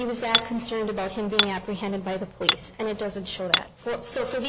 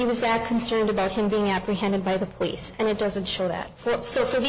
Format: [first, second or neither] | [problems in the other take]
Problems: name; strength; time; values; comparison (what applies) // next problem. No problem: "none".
second | background sound (Hammer); 1 dB below the speech